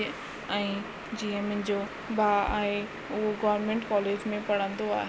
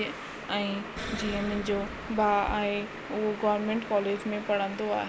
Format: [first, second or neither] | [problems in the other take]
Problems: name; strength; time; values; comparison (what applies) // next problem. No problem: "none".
first | background sound (Explosion); 12 dB below the speech